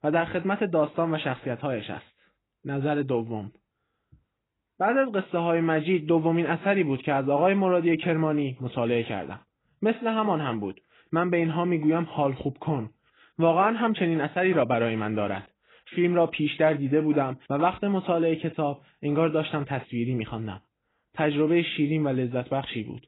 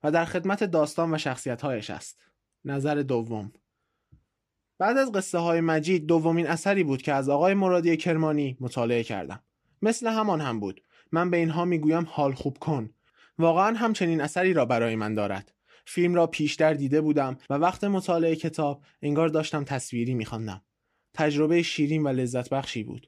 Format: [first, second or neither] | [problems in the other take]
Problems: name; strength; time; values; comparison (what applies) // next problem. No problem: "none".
second | garbled, watery; badly; nothing above 4 kHz